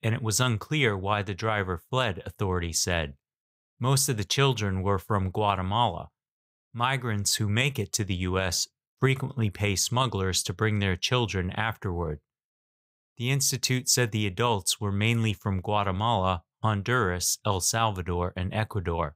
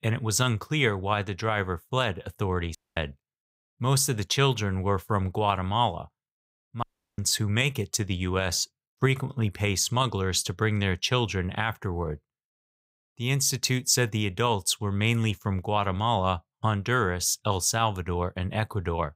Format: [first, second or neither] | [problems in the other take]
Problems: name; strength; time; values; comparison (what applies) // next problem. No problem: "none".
first | audio cutting out; at 3 s and at 7 s